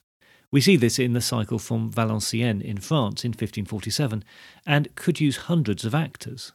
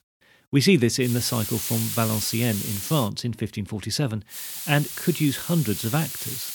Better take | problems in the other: first | hiss; loud; from 1 to 3 s and from 4.5 s on; 5 dB below the speech

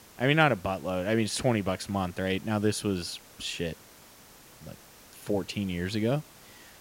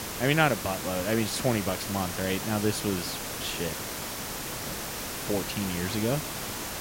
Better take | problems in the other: first | hiss; loud; throughout; 4 dB below the speech; faint in the first

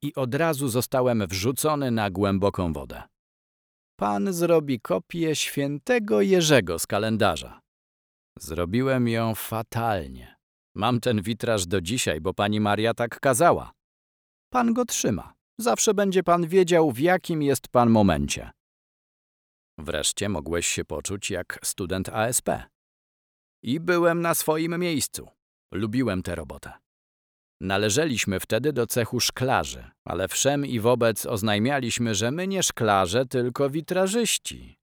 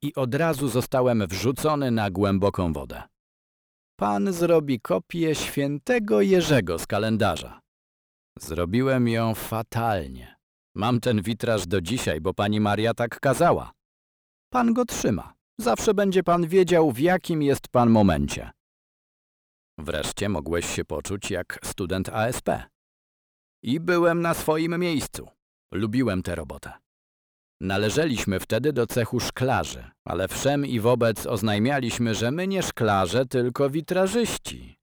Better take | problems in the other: first | distortion; slight; 10 dB below the speech

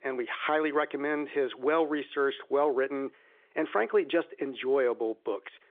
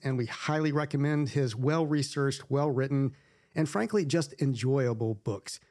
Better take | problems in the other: second | phone-call audio; nothing above 3.5 kHz

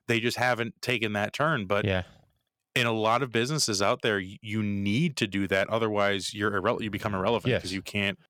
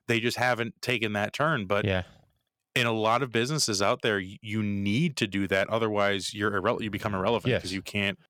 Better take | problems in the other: neither | none

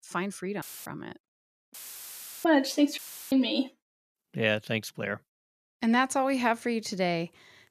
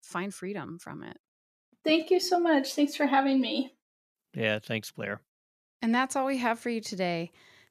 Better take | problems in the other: second | audio cutting out; filled with static; at 0.5 s, at 1.5 s for 0.5 s and at 3 s

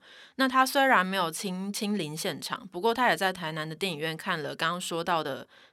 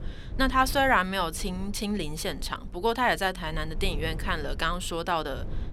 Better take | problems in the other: first | low rumble; faint; throughout; 25 dB below the speech

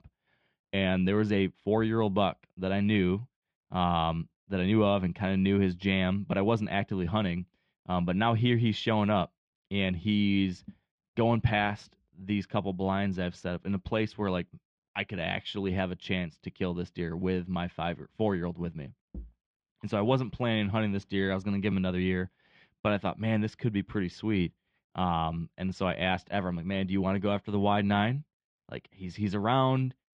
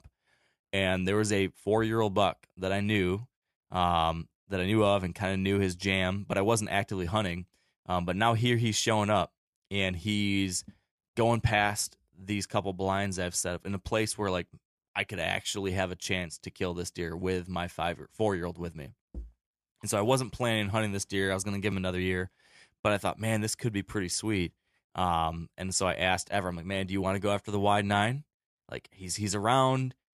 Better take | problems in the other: second | muffled; very; fading above 3.5 kHz

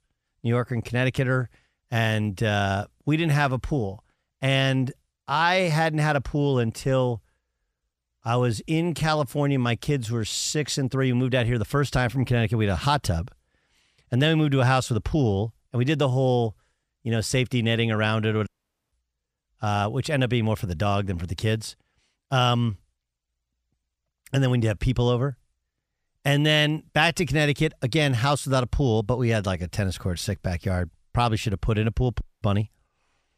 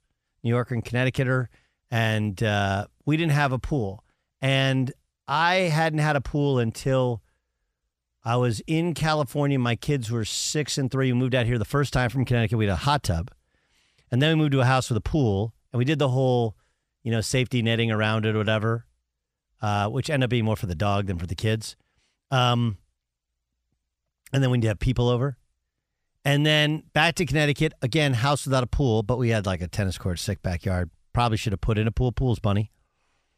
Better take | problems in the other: second | audio cutting out; at 18 s and at 32 s

